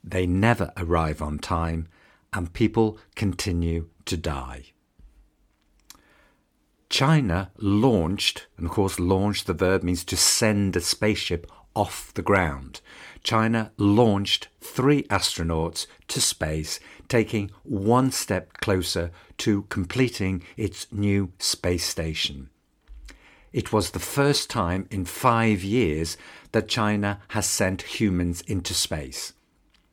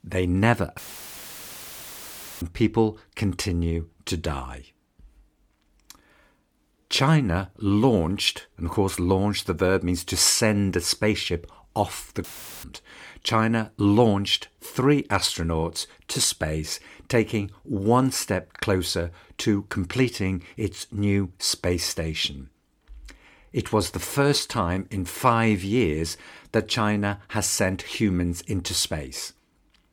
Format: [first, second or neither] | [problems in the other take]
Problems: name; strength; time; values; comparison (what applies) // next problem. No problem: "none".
first | audio cutting out; filled with static; at 1 s for 1.5 s and at 12 s